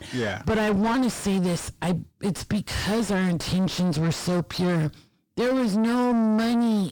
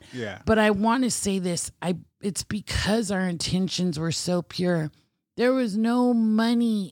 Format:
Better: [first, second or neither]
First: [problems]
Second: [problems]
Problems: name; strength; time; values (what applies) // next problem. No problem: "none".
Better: second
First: distortion; heavy; 6 dB below the speech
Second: none